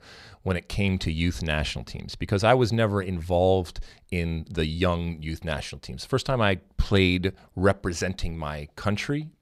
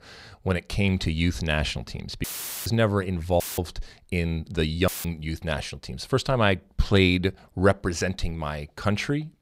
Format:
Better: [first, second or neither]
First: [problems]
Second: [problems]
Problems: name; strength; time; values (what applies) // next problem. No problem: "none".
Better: first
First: none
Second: audio cutting out; filled with static; at 2 s, at 3.5 s and at 5 s